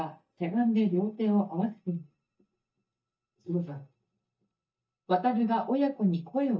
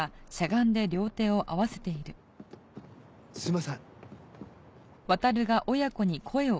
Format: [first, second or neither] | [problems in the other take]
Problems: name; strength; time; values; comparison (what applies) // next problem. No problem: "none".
second | noise reduction (neural mask model DeepFilterNet 3)